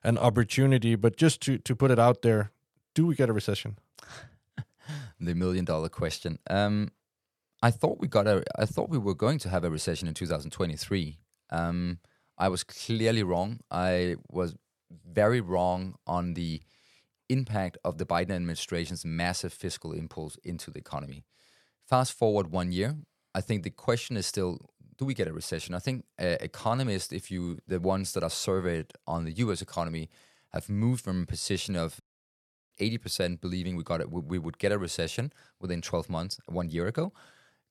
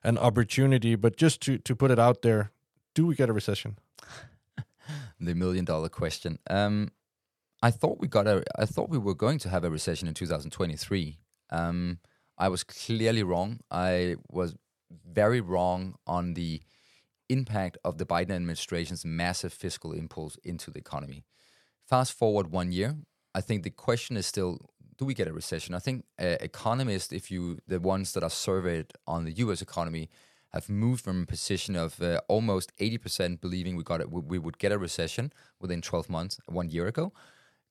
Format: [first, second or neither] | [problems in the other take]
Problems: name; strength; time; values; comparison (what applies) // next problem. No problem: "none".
second | audio cutting out; at 32 s for 0.5 s